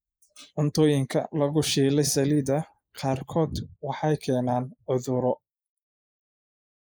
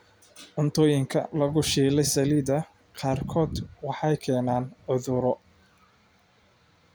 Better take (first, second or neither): second